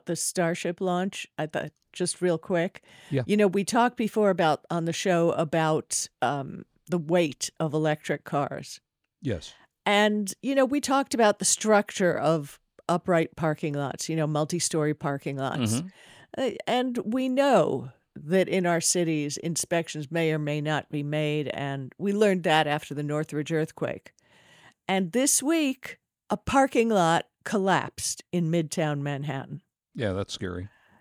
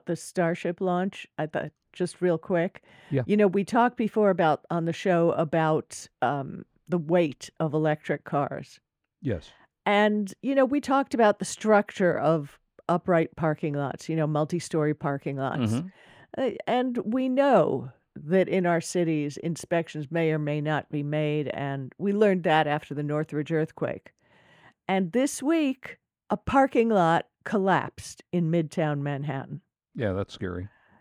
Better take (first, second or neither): first